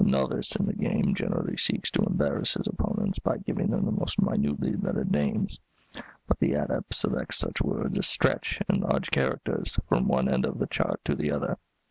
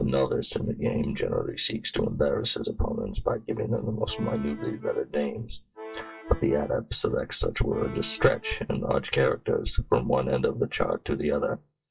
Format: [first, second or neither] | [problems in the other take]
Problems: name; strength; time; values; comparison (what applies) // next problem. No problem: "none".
first | noise reduction (classical method WPE with log-MMSE)